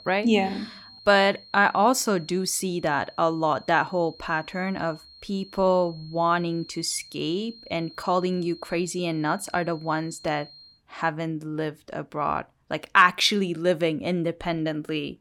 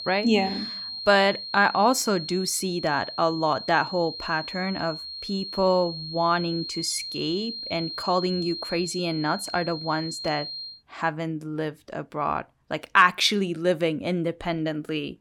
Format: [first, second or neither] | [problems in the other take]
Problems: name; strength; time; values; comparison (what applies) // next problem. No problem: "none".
first | high-pitched whine; loud; until 11 s; 4 kHz, 8 dB below the speech; faint in the first